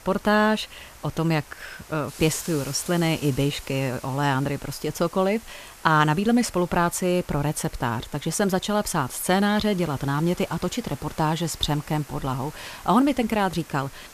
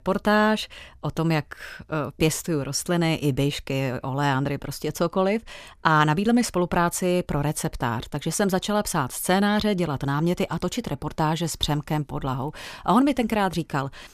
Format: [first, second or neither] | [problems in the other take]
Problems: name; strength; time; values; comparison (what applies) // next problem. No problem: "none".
second | hiss; noticeable; throughout; 20 dB below the speech